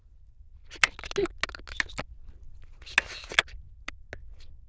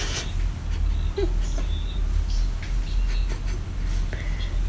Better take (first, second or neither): second